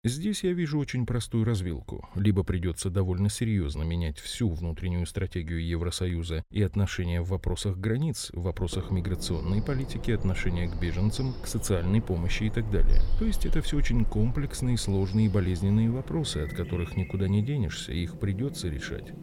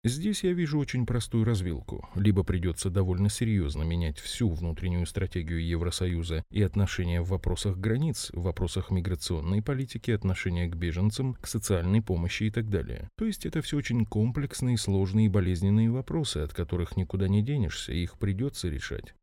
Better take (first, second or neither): second